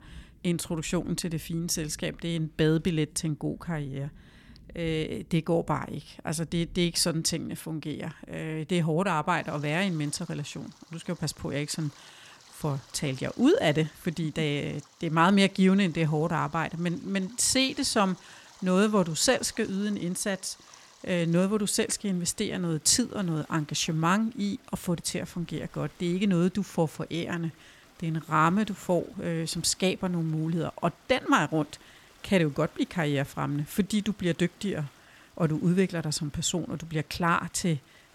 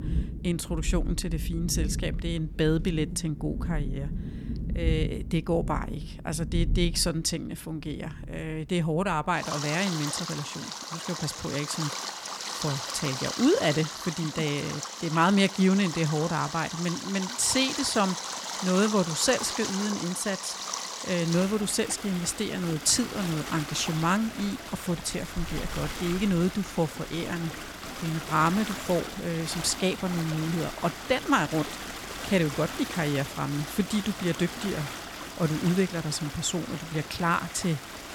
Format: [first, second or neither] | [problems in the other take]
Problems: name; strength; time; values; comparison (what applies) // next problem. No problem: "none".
first | rain or running water; loud; throughout; 7 dB below the speech; faint in the first